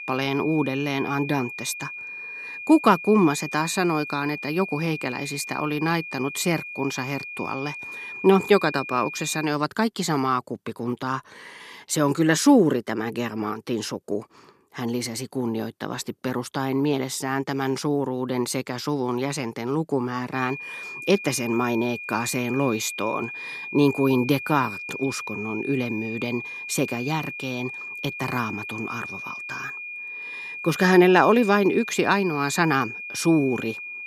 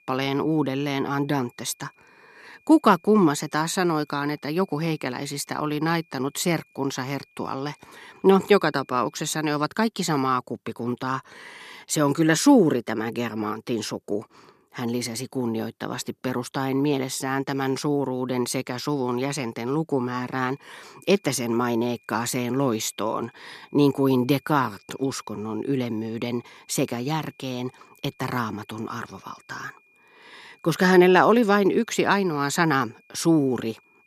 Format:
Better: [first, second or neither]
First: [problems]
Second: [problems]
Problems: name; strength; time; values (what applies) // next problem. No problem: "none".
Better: second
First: high-pitched whine; loud; until 9.5 s and from 20 s on; 2.5 kHz, 9 dB below the speech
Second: high-pitched whine; faint; until 9.5 s and from 20 s on; 2.5 kHz, 35 dB below the speech